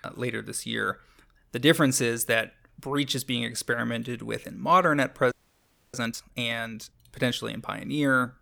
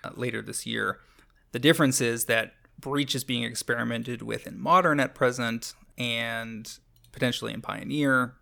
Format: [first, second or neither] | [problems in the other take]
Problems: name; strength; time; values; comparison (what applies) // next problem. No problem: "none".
second | audio freezing; at 5.5 s for 0.5 s